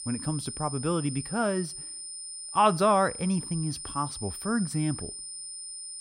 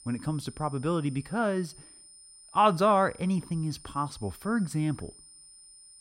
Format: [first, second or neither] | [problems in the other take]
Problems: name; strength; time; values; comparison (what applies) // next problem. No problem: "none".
second | high-pitched whine; loud; throughout; 9 kHz, 8 dB below the speech; faint in the second